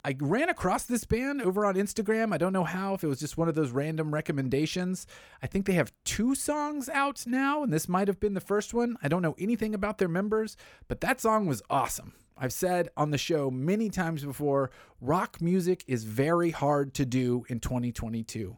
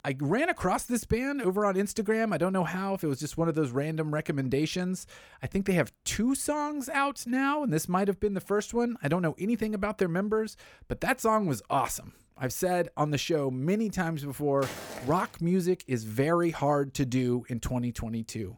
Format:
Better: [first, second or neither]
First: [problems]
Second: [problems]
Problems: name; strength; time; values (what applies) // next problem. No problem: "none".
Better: first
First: none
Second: footsteps; noticeable; at 15 s; peak 9 dB below the speech